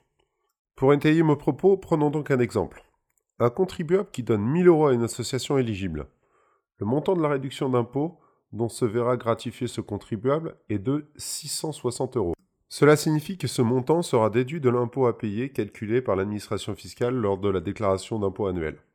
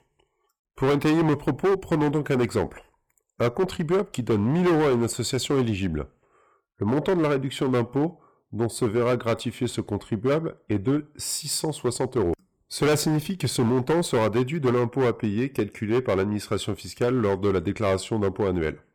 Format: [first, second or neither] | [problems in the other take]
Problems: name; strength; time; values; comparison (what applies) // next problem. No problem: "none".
first | distortion; heavy; 11% of the sound clipped